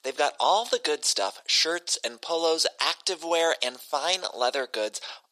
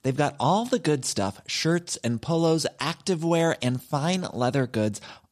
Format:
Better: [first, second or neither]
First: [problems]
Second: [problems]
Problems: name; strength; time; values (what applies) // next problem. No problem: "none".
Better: second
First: thin; very; fading below 450 Hz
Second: none